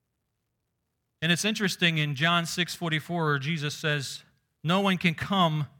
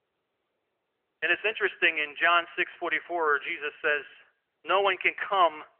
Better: first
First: none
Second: phone-call audio; nothing above 3 kHz

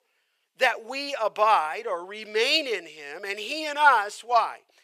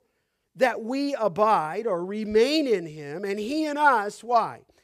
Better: second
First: thin; very; fading below 700 Hz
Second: none

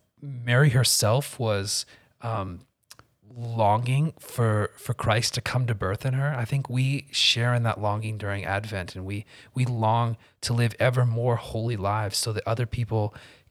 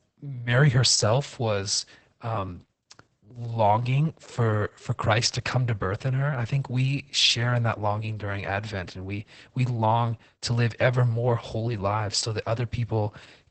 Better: first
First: none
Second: garbled, watery; badly; nothing above 8 kHz

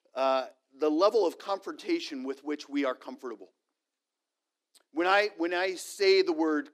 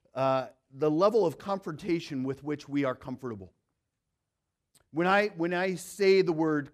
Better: second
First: thin; very slightly; fading below 300 Hz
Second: none

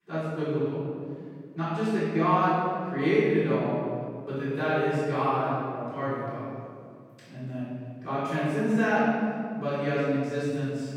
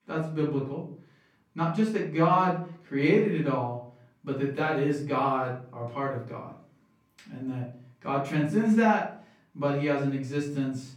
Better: second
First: room echo; strong; dies away in 2.1 s // off-mic speech; far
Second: room echo; slight; dies away in 0.5 s // off-mic speech; far

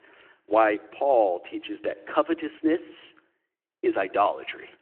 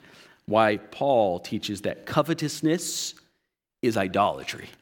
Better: second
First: phone-call audio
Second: none

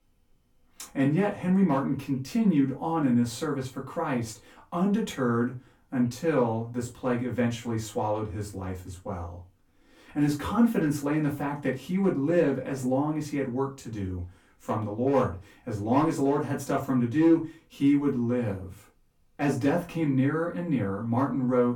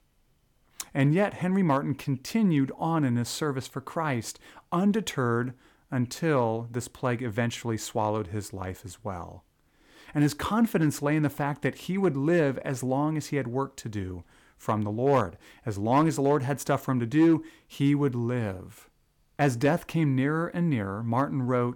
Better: second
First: off-mic speech; far // room echo; very slight; dies away in 0.2 s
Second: none

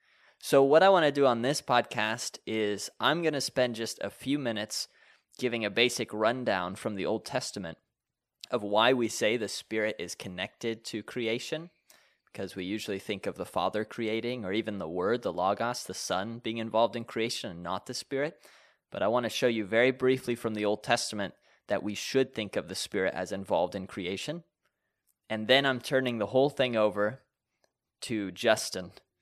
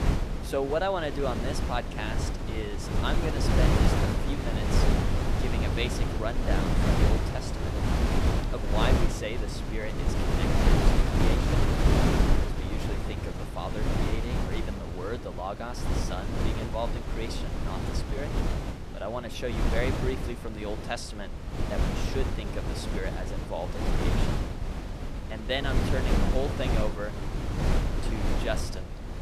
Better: first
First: none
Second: wind noise on the microphone; heavy; 1 dB above the speech

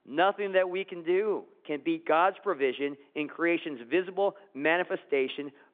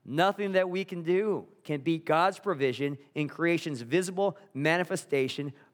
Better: second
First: phone-call audio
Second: none

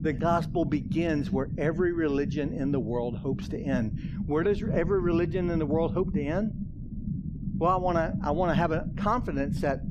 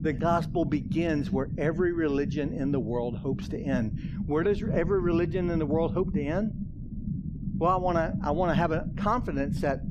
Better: neither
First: low rumble; noticeable; throughout; 15 dB below the speech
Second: low rumble; noticeable; throughout; 15 dB below the speech

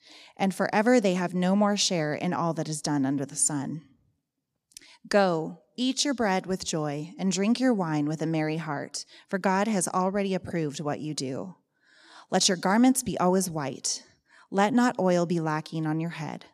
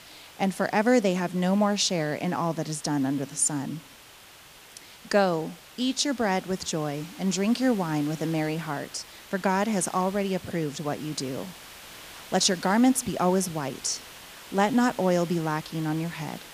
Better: first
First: none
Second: hiss; noticeable; throughout; 20 dB below the speech

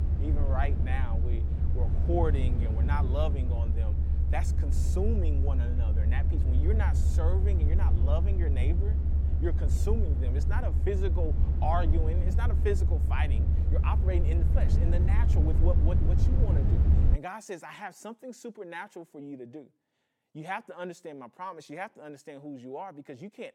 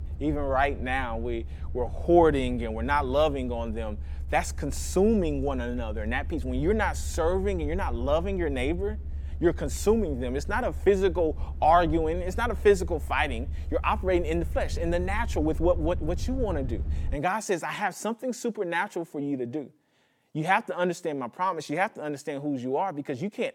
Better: second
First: low rumble; loud; until 17 s; 5 dB below the speech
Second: low rumble; faint; until 17 s; 25 dB below the speech

